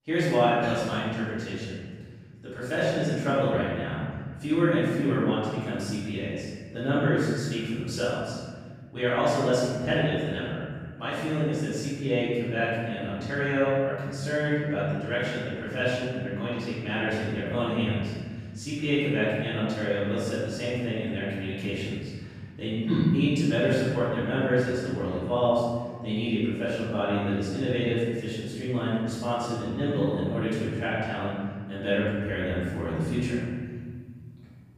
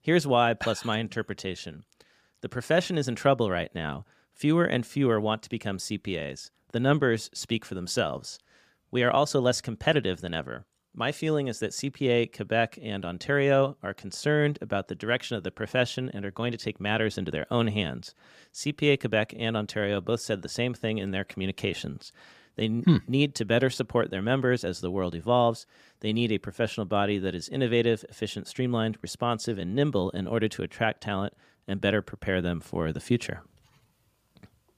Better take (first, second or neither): second